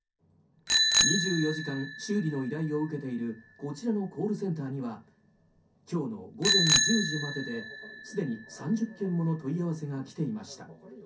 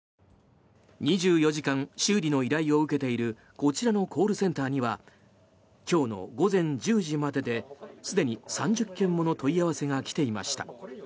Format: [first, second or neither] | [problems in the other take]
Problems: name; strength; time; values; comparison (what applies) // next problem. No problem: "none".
second | background sound (Bicycle bell); as loud as the speech // room echo; dies away in 0.3 s